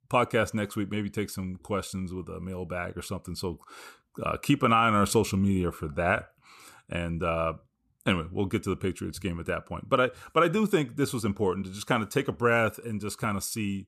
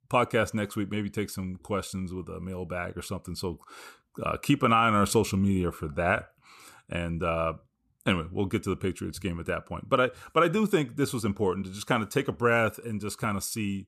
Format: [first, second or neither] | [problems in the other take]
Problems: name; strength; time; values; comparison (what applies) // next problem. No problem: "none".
neither | none